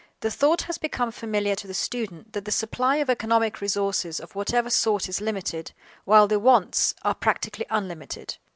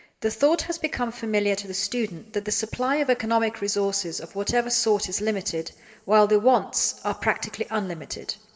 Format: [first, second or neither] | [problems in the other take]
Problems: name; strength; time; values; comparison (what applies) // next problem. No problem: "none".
first | room echo; dies away in 2.1 s